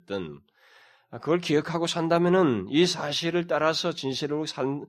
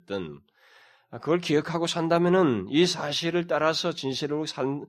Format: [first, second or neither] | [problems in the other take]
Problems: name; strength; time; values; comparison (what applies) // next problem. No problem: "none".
neither | none